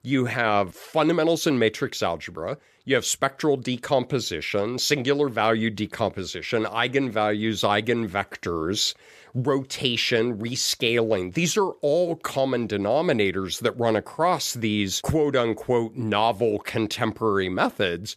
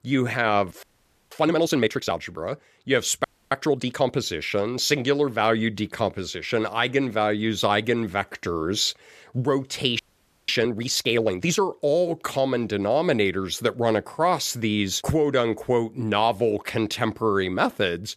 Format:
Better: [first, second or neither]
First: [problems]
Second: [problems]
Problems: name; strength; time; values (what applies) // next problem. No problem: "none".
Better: first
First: none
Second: audio freezing; at 1 s, at 3 s and at 10 s